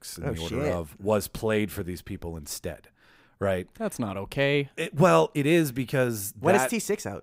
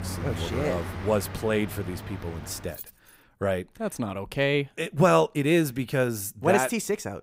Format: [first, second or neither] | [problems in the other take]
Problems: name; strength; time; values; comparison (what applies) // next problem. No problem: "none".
first | traffic noise; noticeable; until 3 s; 10 dB below the speech